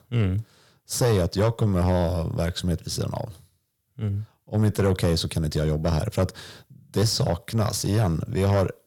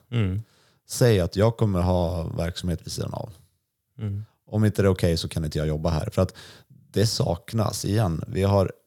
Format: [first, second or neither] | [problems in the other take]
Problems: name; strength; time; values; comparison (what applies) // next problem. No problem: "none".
second | distortion; slight; 10 dB below the speech